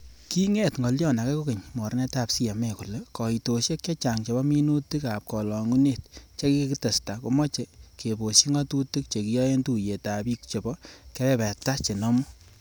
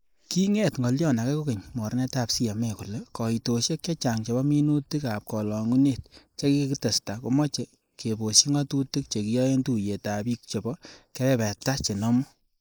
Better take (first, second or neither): first